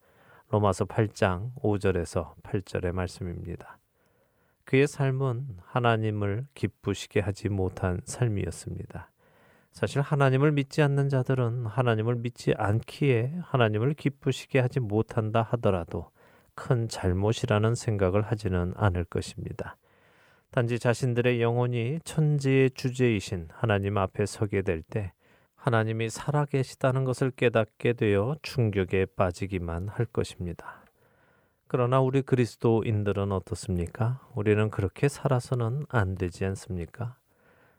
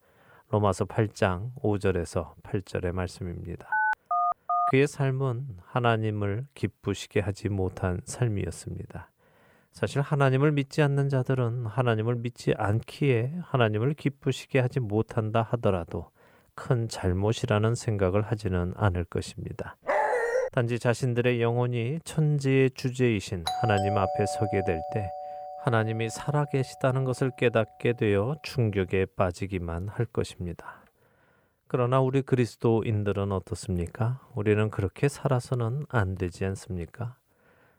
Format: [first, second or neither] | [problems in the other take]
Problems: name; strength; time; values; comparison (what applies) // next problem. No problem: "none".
first | phone ringing; loud; at 3.5 s; peak 1 dB above the speech // dog barking; loud; at 20 s; peak 3 dB above the speech // doorbell; noticeable; from 23 to 26 s; peak 2 dB below the speech